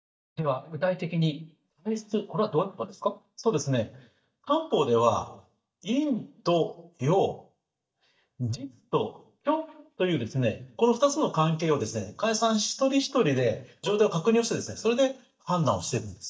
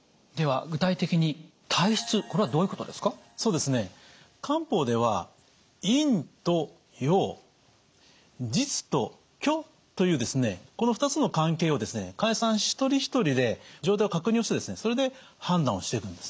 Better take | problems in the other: second | noise reduction (neural mask model DeepFilterNet 3)

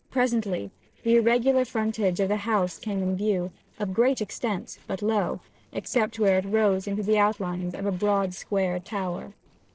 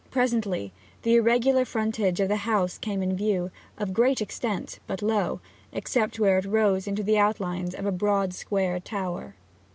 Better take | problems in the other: second | noise reduction (neural separator model SepFormer DNS4)

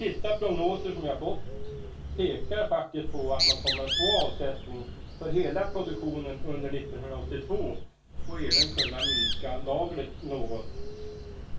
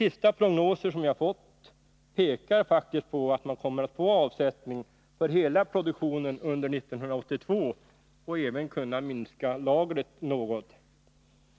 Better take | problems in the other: second | background sound (Bird); 1 dB above the speech // room echo; dies away in 0.2 s

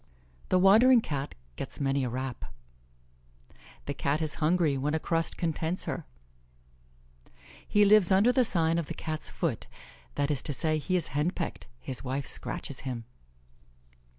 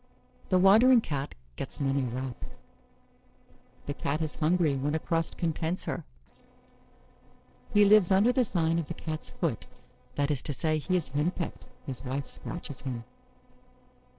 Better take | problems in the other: first | noise reduction (neural separator model SepFormer DNS4)

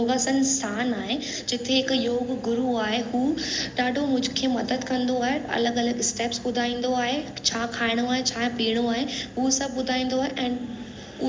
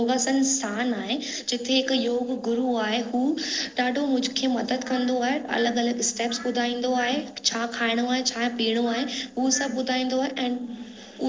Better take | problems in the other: first | noise reduction (neural separator model SepFormer DNS4)

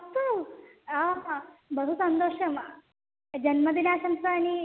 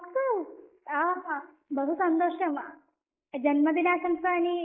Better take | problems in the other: first | noise reduction (neural mask model Resemble Enhance denoiser)

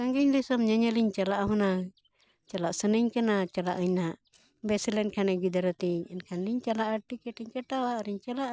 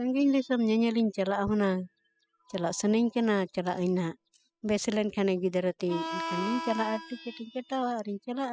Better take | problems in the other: first | noise reduction (classical method spectral subtraction)

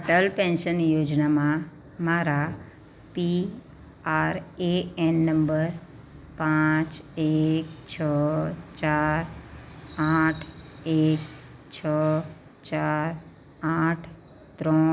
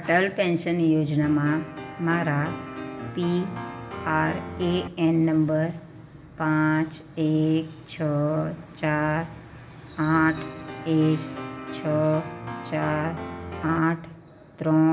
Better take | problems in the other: first | background sound (Piano); 10 dB below the speech // room echo; dies away in 1 s

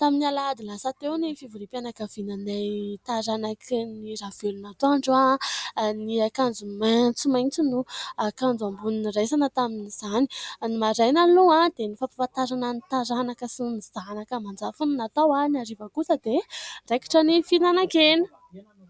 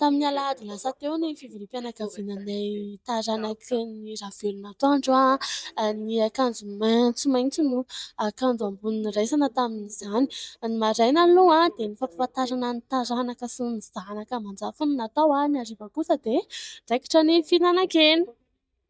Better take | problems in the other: first | noise reduction (neural mask model DeepFilterNet 3)

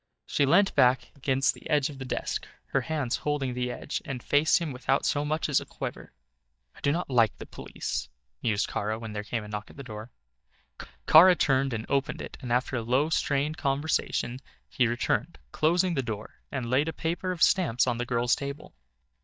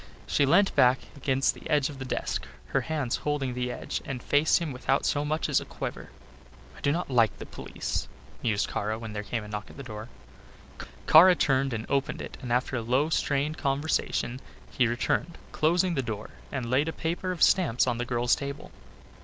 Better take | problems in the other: second | noise reduction (neural mask model DeepFilterNet 3)

